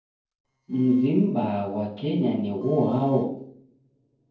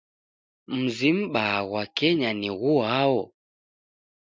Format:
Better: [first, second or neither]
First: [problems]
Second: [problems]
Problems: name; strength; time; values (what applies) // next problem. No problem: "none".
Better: second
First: noise reduction (neural separator model SepFormer DNS4)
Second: none